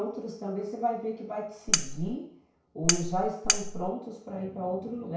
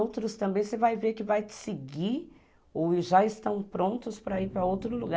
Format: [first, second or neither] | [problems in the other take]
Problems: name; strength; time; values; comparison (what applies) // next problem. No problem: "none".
second | background sound (Cutlery, silverware); 5 dB above the speech // room echo; dies away in 0.6 s